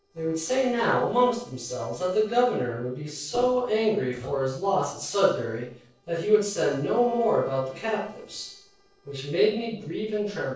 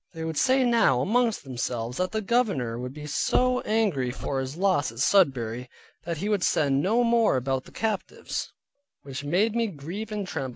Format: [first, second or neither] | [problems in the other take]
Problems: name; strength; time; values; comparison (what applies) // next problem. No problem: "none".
second | noise reduction (neural separator model SepFormer DNS4)